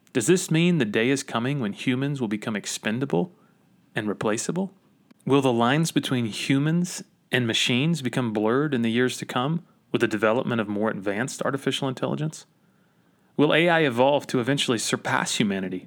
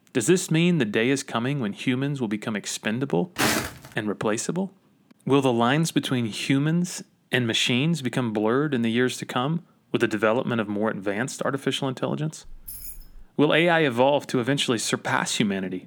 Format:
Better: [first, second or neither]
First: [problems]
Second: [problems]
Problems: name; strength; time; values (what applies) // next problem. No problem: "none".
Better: first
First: none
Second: footsteps; loud; at 3.5 s; peak 1 dB above the speech // jangling keys; faint; at 12 s; peak 10 dB below the speech